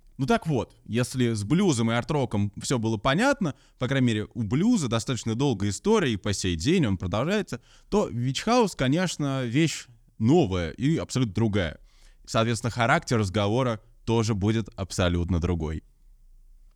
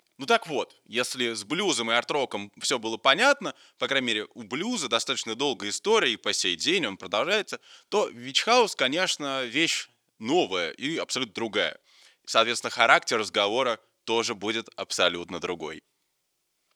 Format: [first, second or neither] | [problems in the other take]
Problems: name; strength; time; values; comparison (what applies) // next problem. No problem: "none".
first | thin; somewhat; fading below 500 Hz